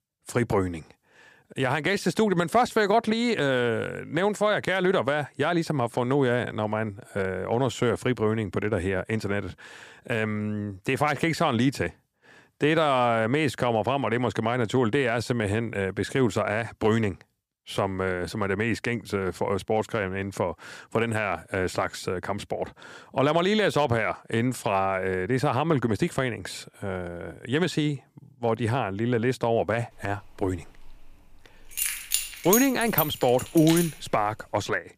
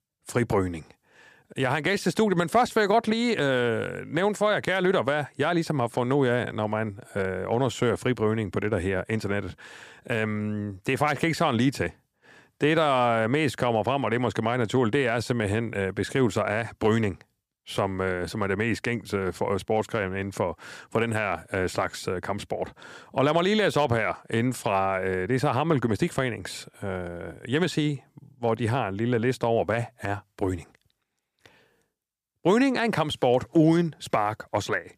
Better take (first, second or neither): second